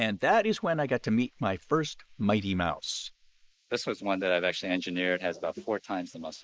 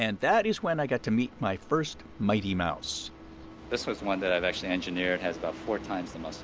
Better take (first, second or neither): second